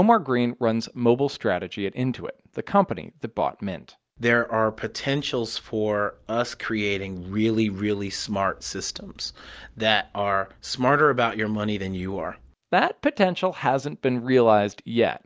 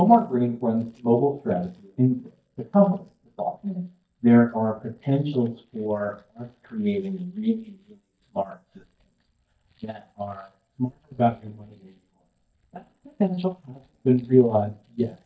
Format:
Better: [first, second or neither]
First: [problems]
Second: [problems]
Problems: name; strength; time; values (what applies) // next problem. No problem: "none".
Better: first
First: none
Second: noise reduction (neural mask model DeepFilterNet 3)